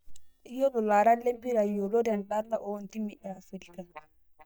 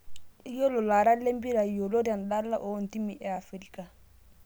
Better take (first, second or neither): second